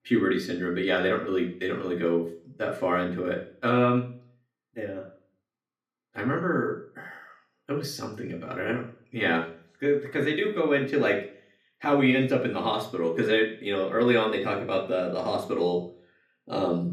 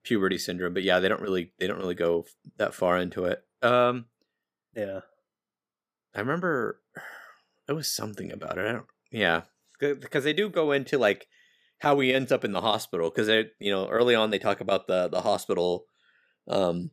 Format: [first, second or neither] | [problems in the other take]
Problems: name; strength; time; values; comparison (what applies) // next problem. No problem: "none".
second | room echo; slight; dies away in 0.5 s // off-mic speech; far